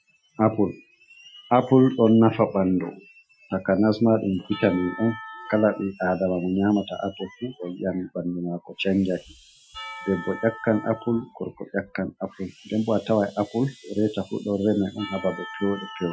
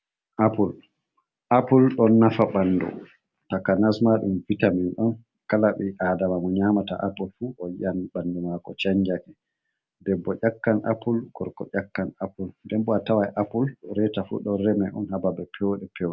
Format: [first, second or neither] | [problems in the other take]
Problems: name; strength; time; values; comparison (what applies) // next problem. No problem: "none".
second | noise reduction (classical method Wiener filter)